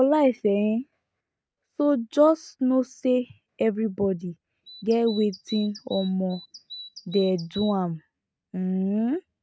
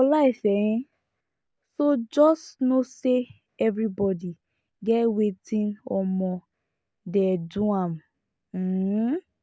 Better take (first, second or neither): second